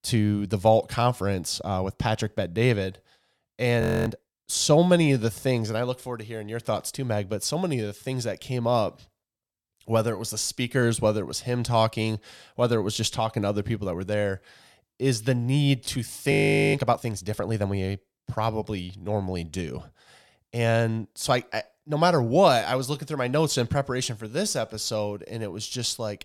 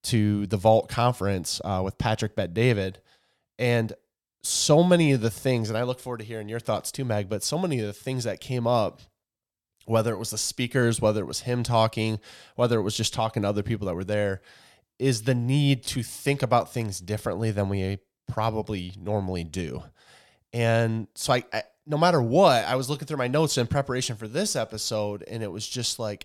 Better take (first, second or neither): second